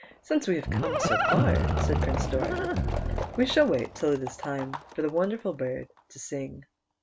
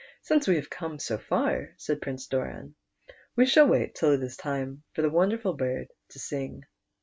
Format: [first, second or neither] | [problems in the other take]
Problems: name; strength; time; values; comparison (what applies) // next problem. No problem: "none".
second | background sound (Livestock, farm animals, working animals); as loud as the speech